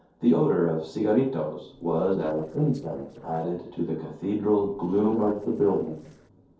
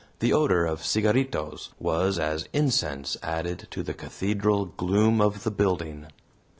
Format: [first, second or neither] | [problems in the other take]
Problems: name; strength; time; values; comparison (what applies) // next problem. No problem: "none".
second | noise reduction (neural separator model SepFormer DNS4)